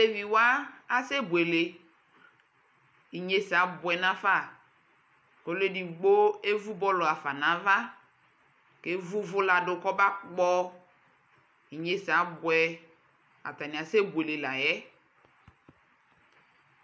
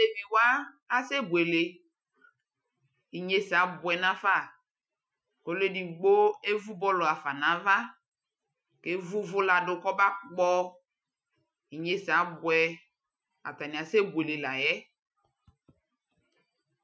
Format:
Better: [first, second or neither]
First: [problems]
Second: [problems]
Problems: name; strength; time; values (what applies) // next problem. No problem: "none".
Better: first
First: none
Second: noise reduction (classical method Wiener filter)